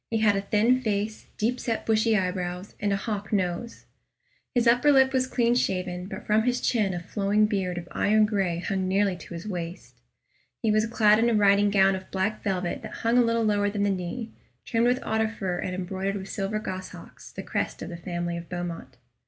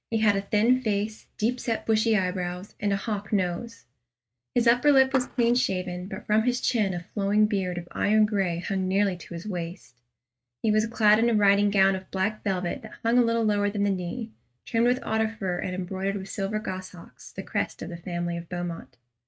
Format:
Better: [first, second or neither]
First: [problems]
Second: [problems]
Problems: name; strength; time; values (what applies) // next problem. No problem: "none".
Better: first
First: none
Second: noise reduction (neural mask model RNNoise)